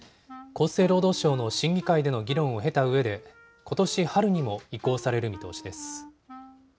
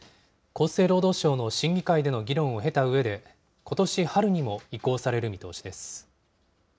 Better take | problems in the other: second | background sound (Wind instrument, woodwind instrument); 20 dB below the speech

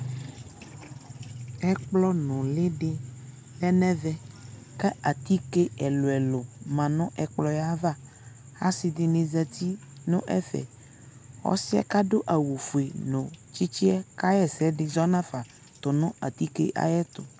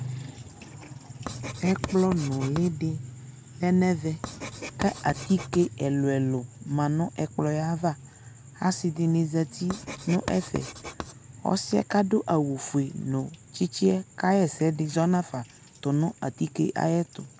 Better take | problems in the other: first | background sound (Writing); 13 dB below the speech

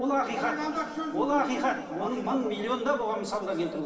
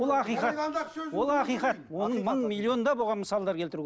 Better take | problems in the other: second | room echo; dies away in 2.9 s

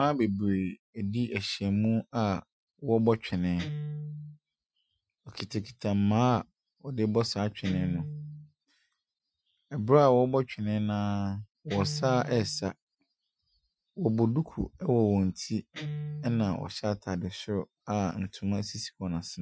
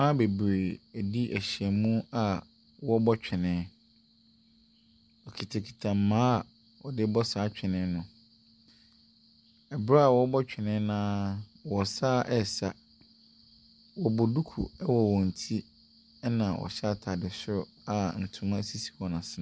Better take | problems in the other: second | noise reduction (classical method Wiener filter)

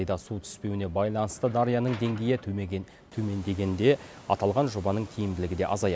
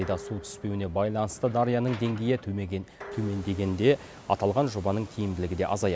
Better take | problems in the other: first | background sound (Dishes, pots, and pans); 20 dB below the speech

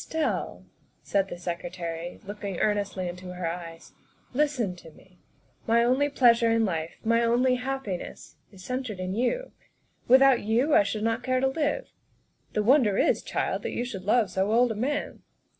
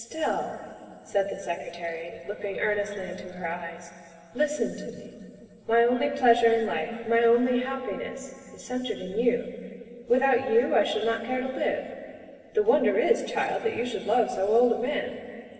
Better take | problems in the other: first | room echo; dies away in 2.3 s

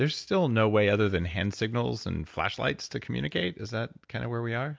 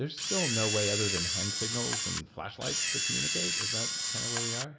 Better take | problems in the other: first | background sound (Camera); 4 dB above the speech // room echo; dies away in 2.5 s

